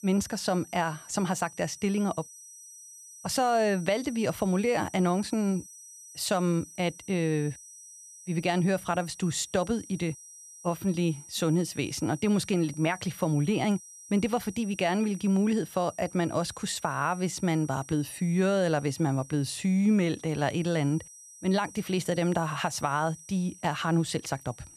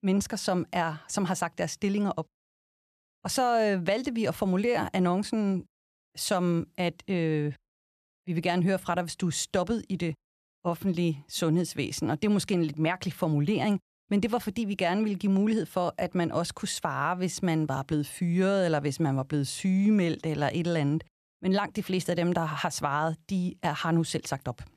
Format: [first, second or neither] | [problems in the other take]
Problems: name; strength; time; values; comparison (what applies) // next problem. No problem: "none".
second | high-pitched whine; noticeable; throughout; 6 kHz, 20 dB below the speech